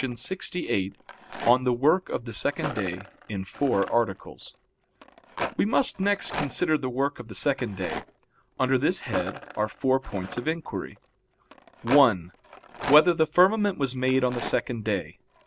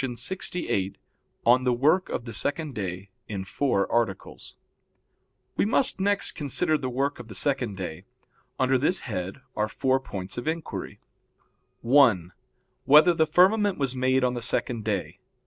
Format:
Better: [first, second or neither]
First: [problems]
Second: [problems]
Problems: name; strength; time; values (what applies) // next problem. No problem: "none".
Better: second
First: background sound (Rattle); 13 dB below the speech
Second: none